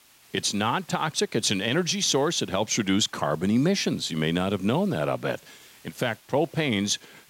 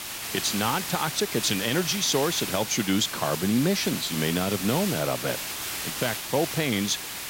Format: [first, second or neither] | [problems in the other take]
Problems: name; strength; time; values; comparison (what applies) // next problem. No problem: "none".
first | hiss; loud; throughout; 4 dB below the speech; faint in the first